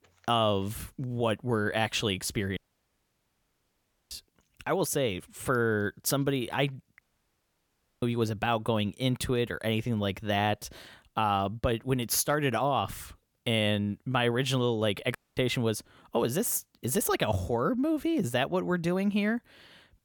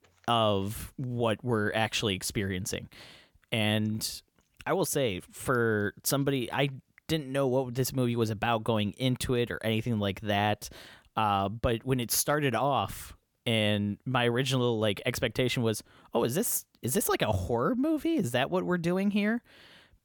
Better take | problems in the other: second | audio cutting out; at 2.5 s for 1.5 s, at 7 s for 1 s and at 15 s

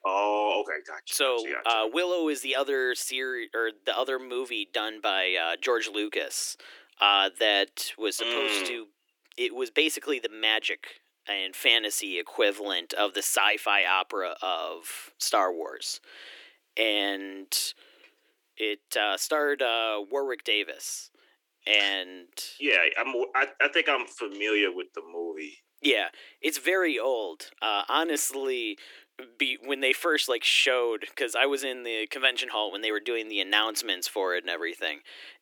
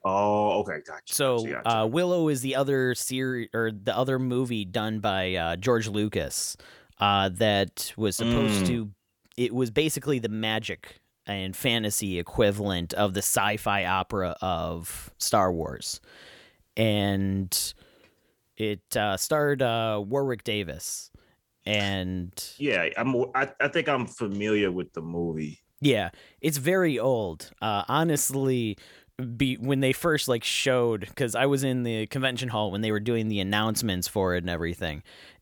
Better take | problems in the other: second | thin; somewhat; fading below 300 Hz

